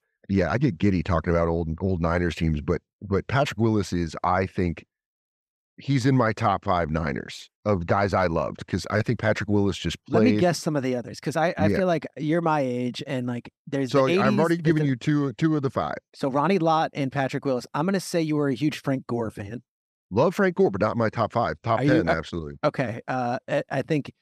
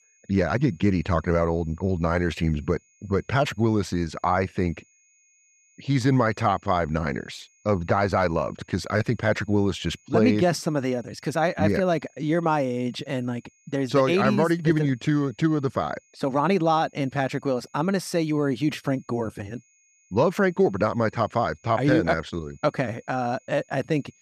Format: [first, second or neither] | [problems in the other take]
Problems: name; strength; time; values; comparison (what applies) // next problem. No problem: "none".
first | high-pitched whine; faint; throughout; 6.5 kHz, 35 dB below the speech